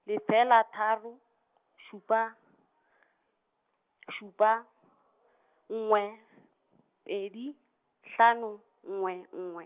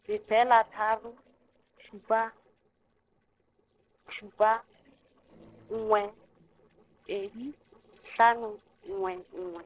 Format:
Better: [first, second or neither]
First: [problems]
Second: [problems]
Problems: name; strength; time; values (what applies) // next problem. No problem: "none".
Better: first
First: none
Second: noise reduction (neural separator model SepFormer DNS4)